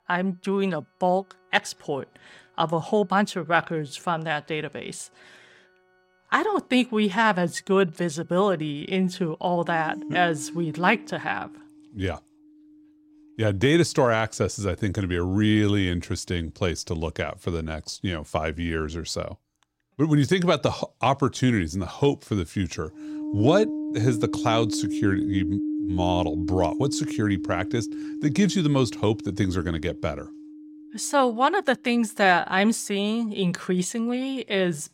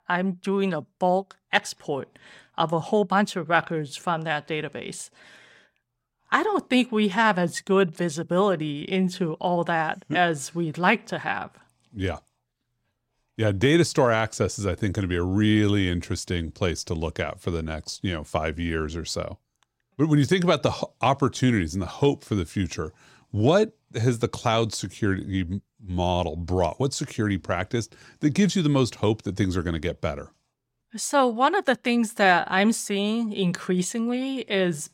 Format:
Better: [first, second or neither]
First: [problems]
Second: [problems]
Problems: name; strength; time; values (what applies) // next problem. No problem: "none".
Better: second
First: background music; loud; throughout; 7 dB below the speech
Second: none